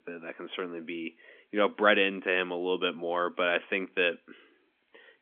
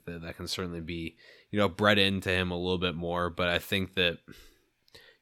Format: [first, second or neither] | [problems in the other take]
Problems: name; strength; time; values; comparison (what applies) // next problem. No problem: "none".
second | phone-call audio; nothing above 3.5 kHz